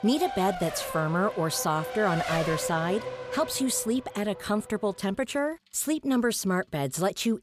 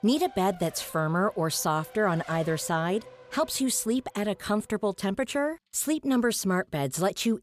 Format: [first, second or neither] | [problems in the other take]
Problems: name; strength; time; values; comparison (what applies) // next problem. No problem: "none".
second | traffic noise; loud; throughout; 8 dB below the speech; faint in the second